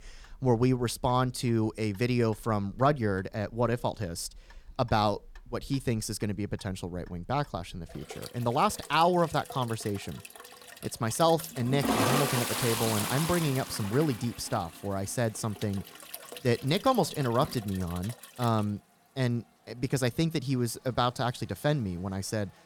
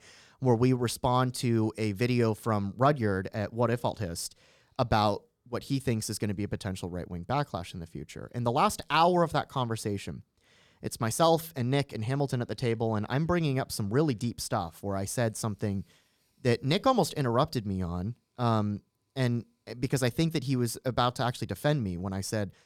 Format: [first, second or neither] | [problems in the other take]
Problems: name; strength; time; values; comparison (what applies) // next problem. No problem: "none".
second | household noises; loud; throughout; 6 dB below the speech